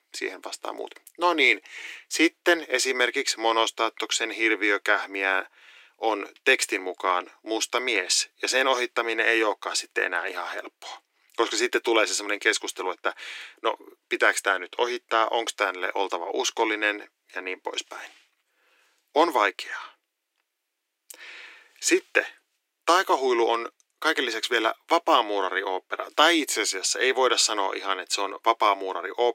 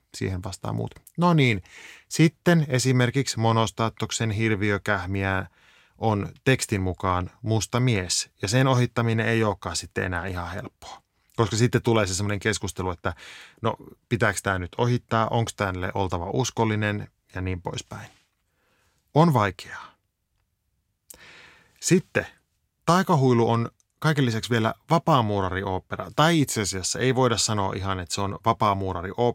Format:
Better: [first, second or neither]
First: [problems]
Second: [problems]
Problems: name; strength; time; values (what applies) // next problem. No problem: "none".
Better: second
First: thin; very; fading below 300 Hz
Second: none